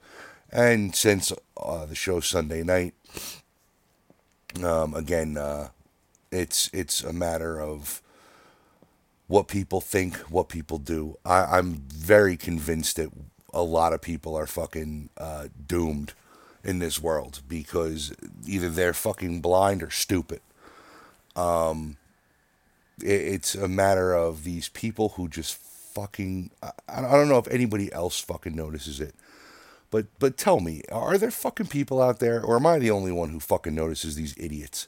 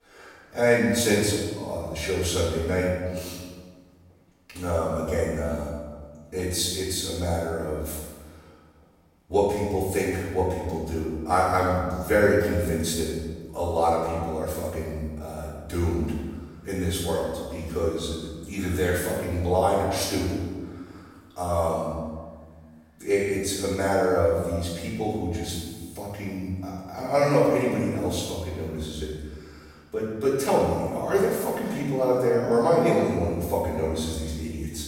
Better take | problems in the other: first | off-mic speech; far // room echo; strong; dies away in 1.3 s

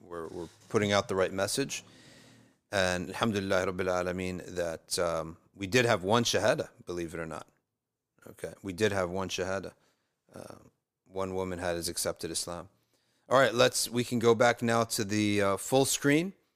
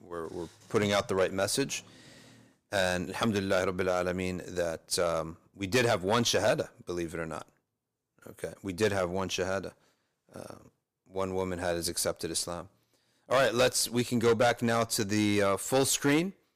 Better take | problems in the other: first | distortion; slight; 2% of the sound clipped

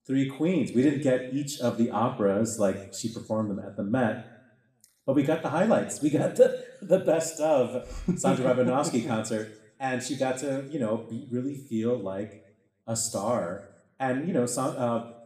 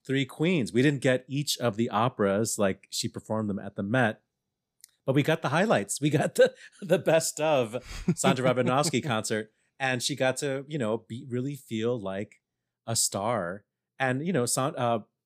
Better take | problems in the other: second | room echo; slight; dies away in 0.7 s // off-mic speech; somewhat distant

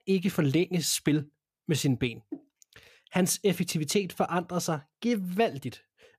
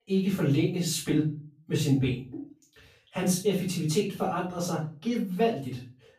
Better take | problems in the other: first | off-mic speech; far // room echo; noticeable; dies away in 0.3 s

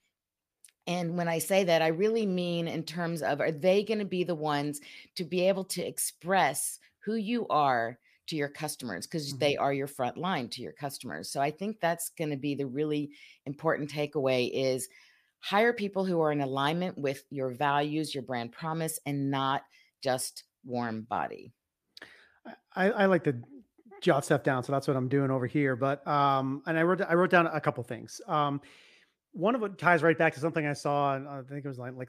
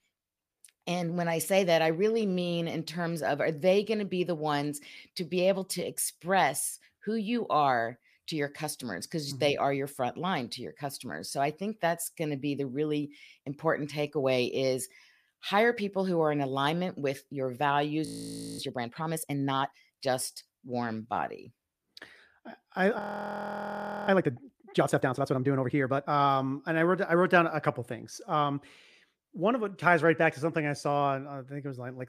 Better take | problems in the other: first | audio freezing; at 18 s for 0.5 s and at 23 s for 1 s

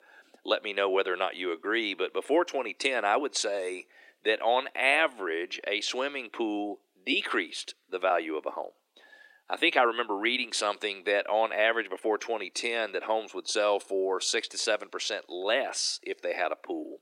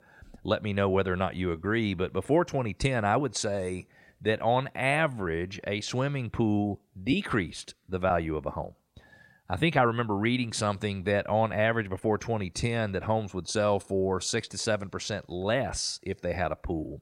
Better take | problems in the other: second | thin; somewhat; fading below 300 Hz

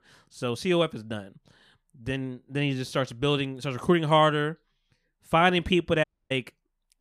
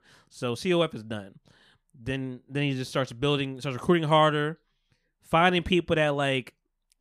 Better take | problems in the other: second | audio cutting out; at 6 s

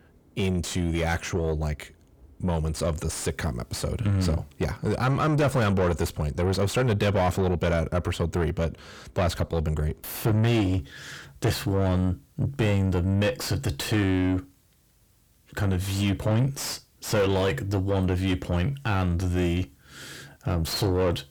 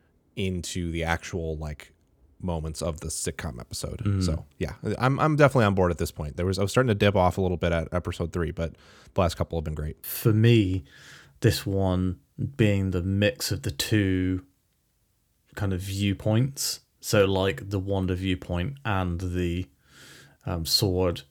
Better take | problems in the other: second | distortion; heavy; 6 dB below the speech

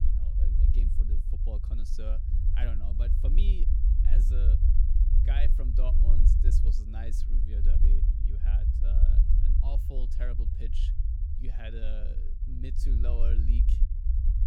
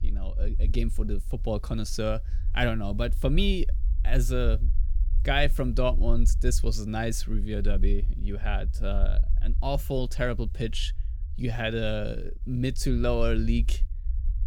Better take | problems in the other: second | low rumble; loud; throughout; 1 dB below the speech; faint in the second

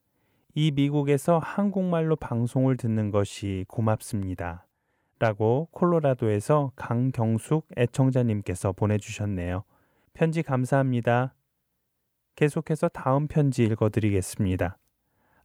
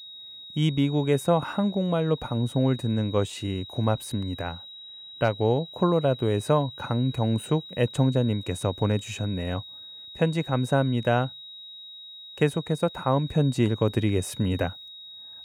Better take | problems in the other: first | high-pitched whine; noticeable; throughout; 4 kHz, 15 dB below the speech

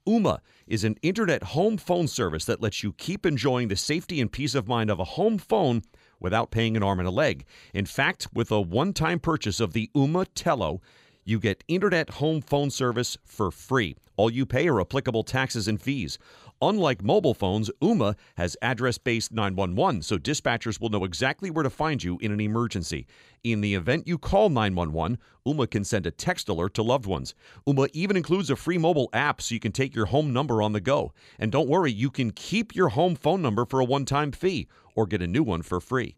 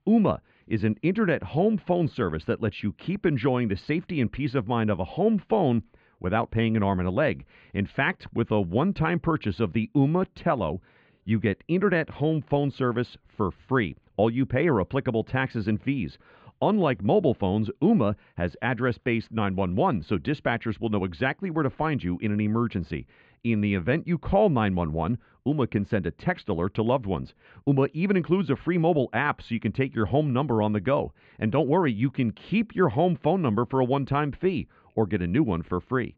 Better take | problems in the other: first | muffled; very; fading above 3 kHz

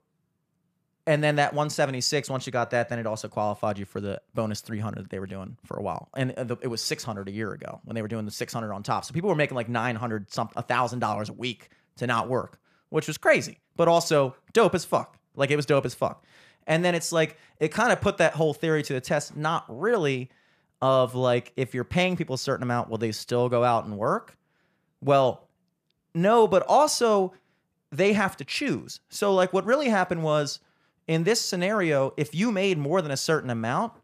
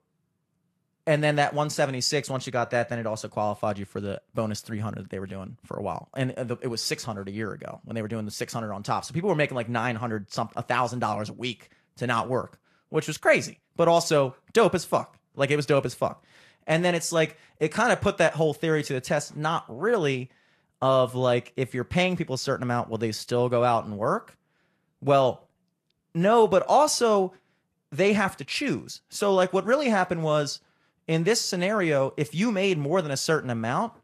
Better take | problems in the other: first | garbled, watery; slightly; nothing above 12.5 kHz

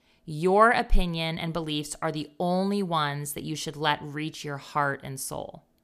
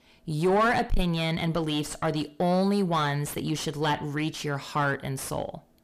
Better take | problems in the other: first | distortion; heavy; 5 dB below the speech

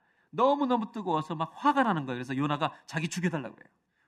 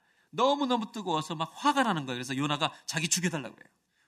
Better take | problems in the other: second | muffled; slightly; fading above 3 kHz

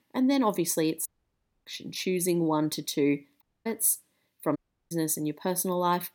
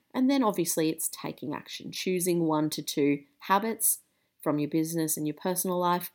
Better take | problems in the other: second | audio cutting out; at 1 s for 0.5 s, at 3.5 s and at 4.5 s

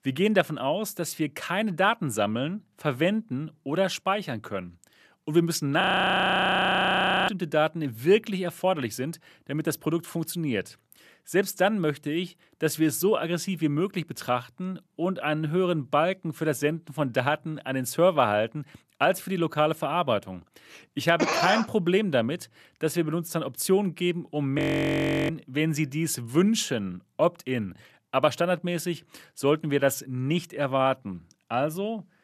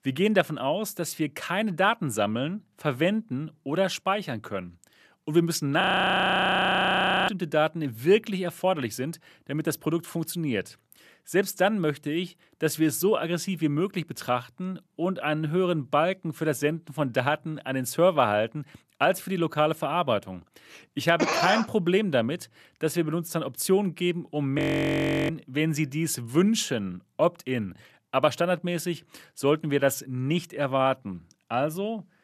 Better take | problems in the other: neither | audio freezing; at 6 s for 1.5 s and at 25 s for 0.5 s; the same in both

